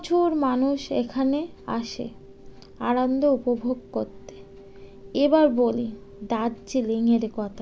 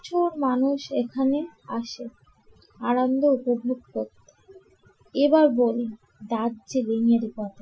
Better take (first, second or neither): first